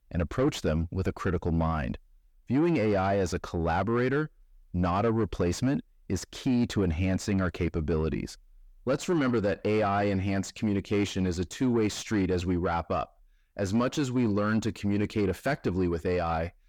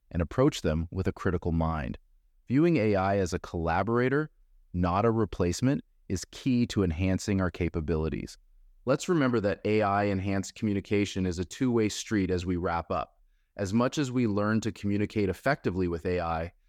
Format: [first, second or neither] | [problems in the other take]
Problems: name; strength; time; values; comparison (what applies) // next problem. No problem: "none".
second | distortion; slight; 10 dB below the speech